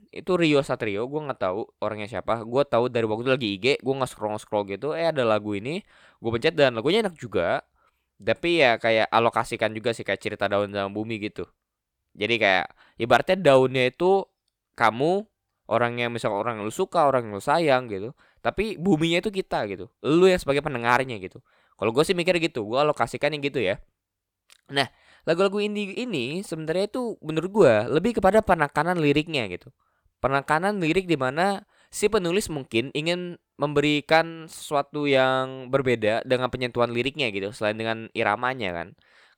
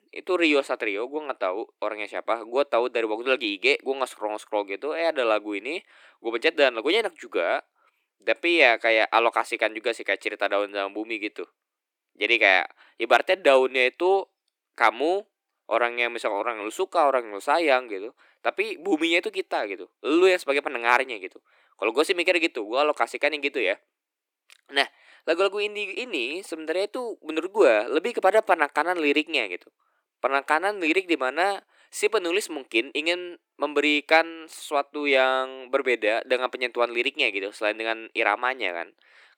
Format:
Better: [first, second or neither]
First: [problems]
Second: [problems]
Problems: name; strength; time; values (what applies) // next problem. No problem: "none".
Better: first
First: none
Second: thin; somewhat; fading below 300 Hz